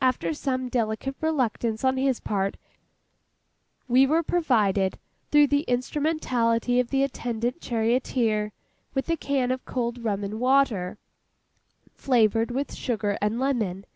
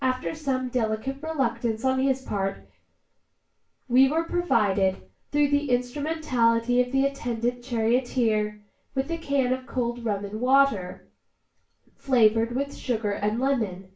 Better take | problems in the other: first | room echo; dies away in 0.3 s

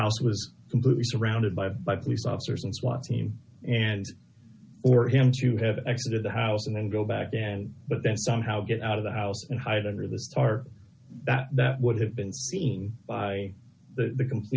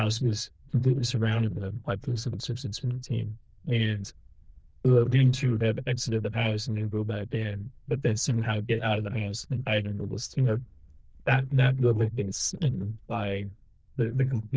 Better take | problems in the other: first | noise reduction (neural diffusion model UNIVERSE++)

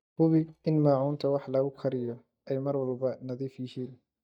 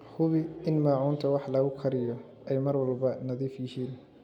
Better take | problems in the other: second | noise reduction (neural mask model DeepFilterNet 3)

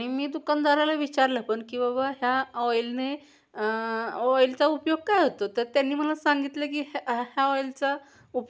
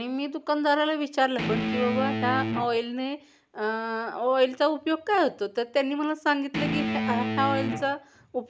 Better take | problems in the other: first | background sound (Guitar); 3 dB below the speech

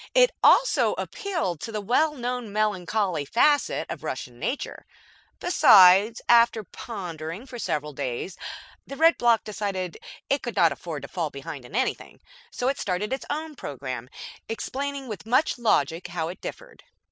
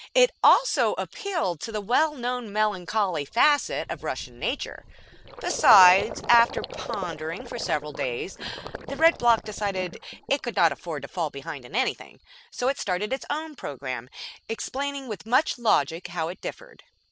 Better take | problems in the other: first | background sound (Gurgling); 16 dB below the speech

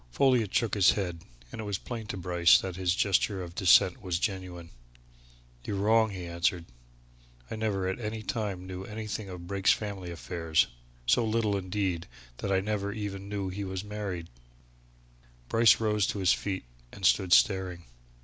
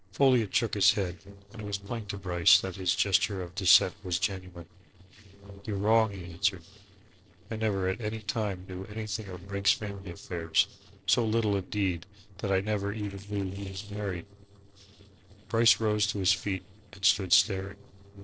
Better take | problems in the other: first | noise reduction (neural separator model SepFormer DNS4)

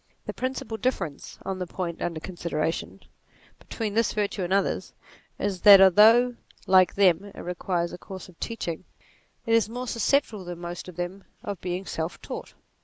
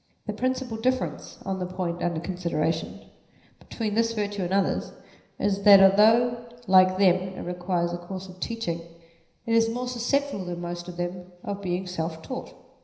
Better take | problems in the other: first | room echo; dies away in 0.9 s

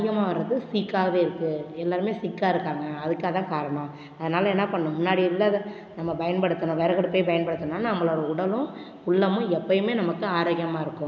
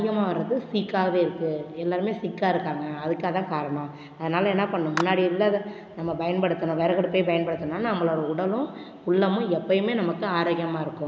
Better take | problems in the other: first | background sound (Clapping); 12 dB below the speech

